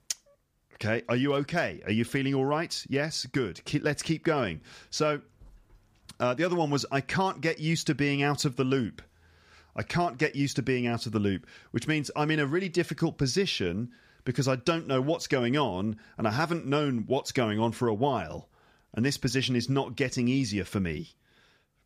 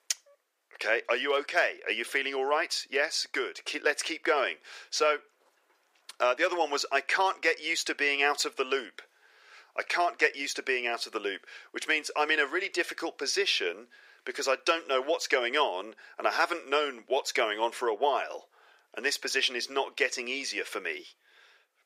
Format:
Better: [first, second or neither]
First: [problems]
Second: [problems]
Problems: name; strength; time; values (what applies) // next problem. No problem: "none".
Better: first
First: none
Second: thin; very; fading below 400 Hz